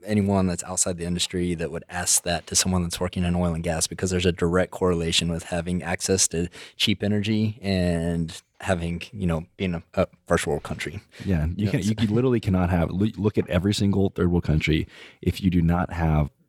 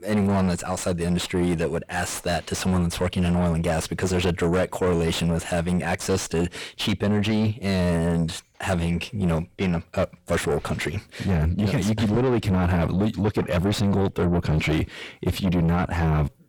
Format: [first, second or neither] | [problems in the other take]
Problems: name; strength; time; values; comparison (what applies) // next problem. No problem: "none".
first | distortion; heavy; 6 dB below the speech